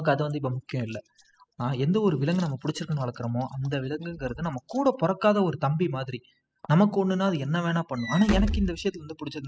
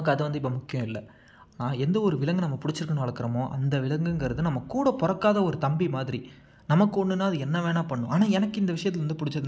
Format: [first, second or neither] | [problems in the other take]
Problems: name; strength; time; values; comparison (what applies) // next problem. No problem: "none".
second | noise reduction (classical method spectral subtraction)